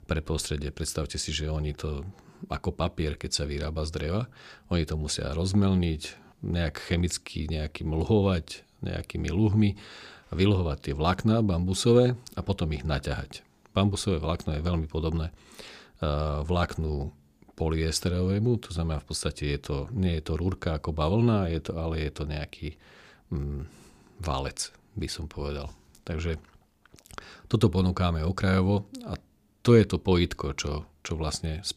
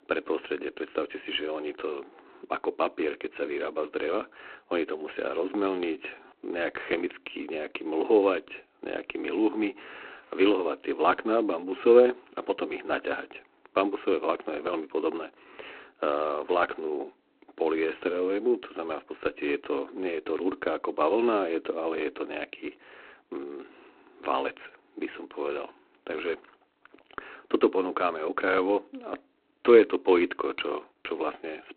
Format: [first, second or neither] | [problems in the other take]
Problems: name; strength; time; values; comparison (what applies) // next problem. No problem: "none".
first | phone-call audio; poor line; nothing above 4 kHz